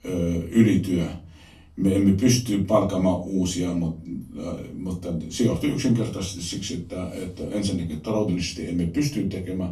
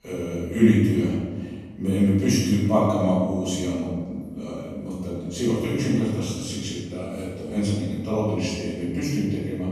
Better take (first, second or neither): first